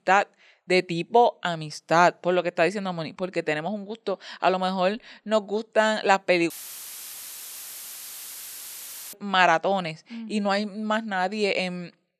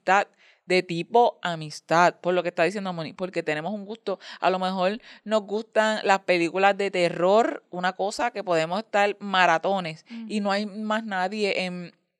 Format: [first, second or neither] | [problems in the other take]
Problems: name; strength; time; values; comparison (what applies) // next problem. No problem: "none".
second | audio cutting out; filled with static; at 6.5 s for 2.5 s